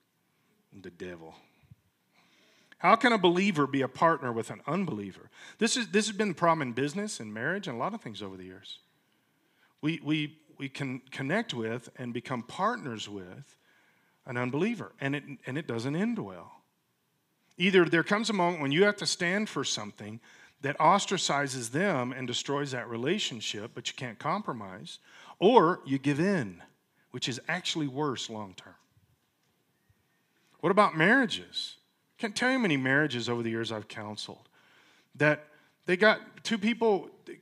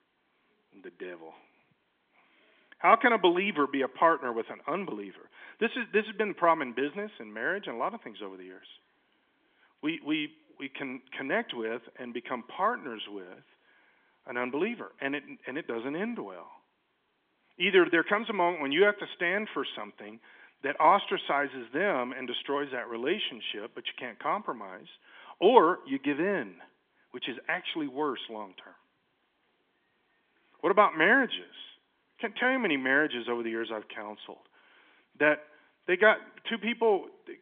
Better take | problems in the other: first | phone-call audio; nothing above 3.5 kHz

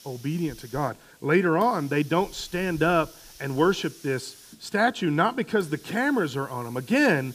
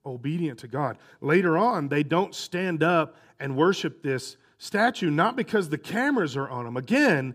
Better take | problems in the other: second | hiss; faint; throughout; 20 dB below the speech

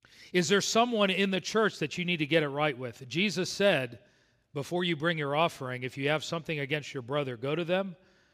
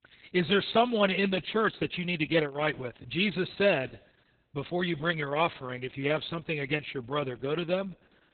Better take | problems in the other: first | garbled, watery; badly; nothing above 4 kHz

